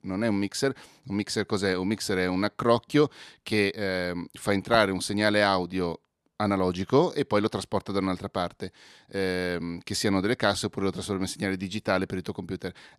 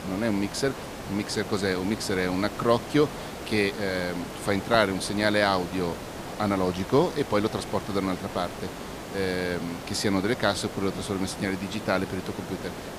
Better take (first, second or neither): first